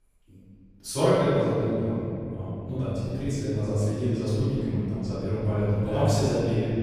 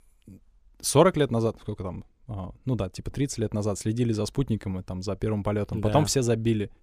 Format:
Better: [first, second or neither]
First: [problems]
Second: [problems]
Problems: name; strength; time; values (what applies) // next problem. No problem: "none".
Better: second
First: room echo; strong; dies away in 3 s // off-mic speech; far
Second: none